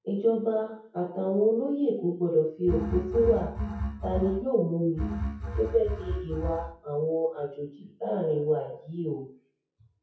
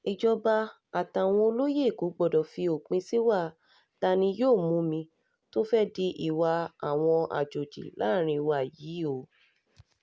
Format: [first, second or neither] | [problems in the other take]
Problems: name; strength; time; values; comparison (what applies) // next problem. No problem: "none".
second | noise reduction (classical method WPE with log-MMSE)